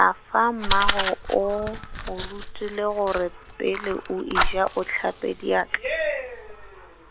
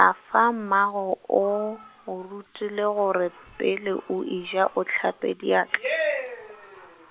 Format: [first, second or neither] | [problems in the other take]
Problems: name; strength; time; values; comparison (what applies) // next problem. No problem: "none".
second | background sound (Fire); 4 dB below the speech